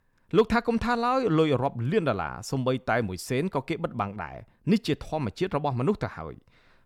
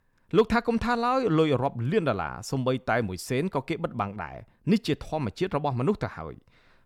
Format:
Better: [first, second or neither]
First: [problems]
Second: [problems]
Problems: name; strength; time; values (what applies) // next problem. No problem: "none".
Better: neither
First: none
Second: none